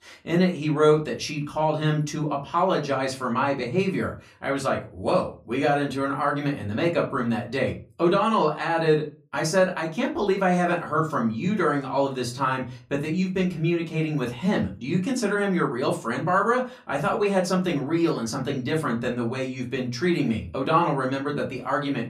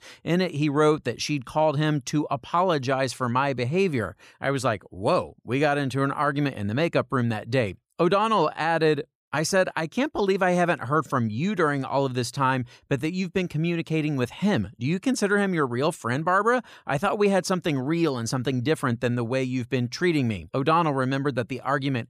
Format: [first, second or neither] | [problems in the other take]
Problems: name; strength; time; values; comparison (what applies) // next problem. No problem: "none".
second | off-mic speech; far // room echo; very slight; dies away in 0.2 s